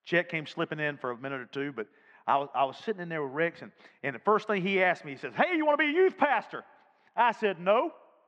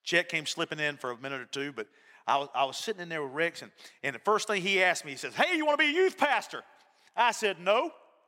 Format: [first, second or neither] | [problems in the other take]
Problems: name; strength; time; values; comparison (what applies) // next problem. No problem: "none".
second | muffled; very; fading above 2 kHz